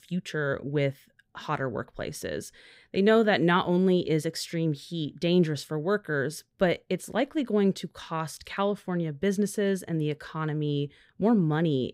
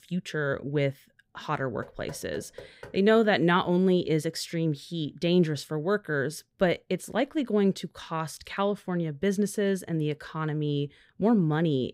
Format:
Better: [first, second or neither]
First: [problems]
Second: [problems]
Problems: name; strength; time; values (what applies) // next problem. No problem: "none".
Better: first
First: none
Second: door banging; faint; from 2 to 3 s; peak 20 dB below the speech